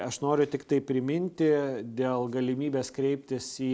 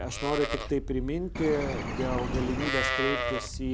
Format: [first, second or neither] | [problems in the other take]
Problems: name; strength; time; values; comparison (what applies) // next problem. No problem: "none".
first | background sound (Livestock, farm animals, working animals + Bird); 1 dB below the speech